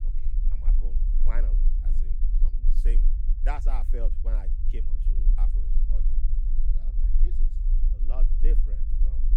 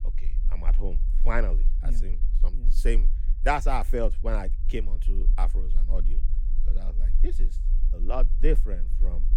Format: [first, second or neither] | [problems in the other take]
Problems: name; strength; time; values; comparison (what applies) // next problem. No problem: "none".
second | low rumble; loud; throughout; 9 dB below the speech; faint in the second